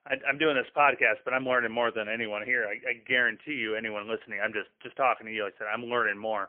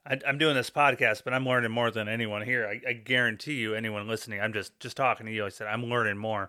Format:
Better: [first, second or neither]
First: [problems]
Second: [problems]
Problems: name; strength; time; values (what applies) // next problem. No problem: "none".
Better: second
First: phone-call audio; poor line; nothing above 3 kHz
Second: none